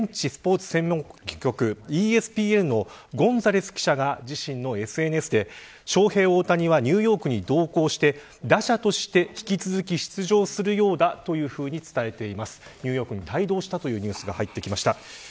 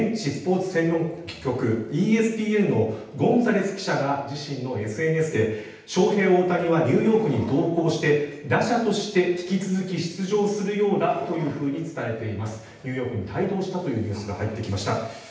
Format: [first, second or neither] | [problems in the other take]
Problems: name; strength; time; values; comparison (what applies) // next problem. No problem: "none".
first | background sound (Wood); 17 dB below the speech // room echo; dies away in 0.9 s